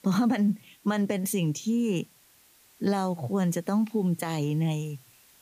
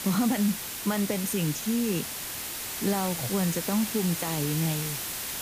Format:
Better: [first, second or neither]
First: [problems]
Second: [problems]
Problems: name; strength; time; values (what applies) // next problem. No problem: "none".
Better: first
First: hiss; faint; throughout; 30 dB below the speech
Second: hiss; loud; throughout; 3 dB below the speech